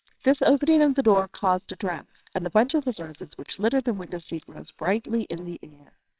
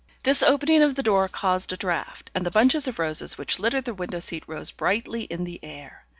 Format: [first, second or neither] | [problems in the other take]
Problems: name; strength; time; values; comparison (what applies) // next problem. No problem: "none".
second | noise reduction (neural separator model SepFormer WHAMR!)